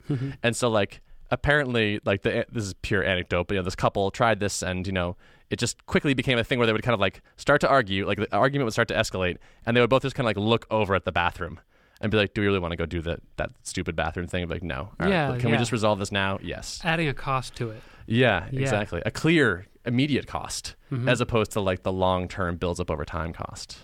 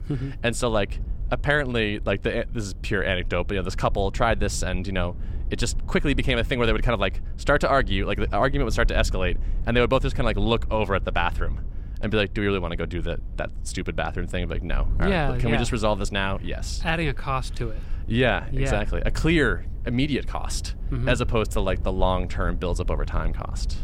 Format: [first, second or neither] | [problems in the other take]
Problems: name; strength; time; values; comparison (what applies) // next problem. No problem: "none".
first | low rumble; faint; throughout; 25 dB below the speech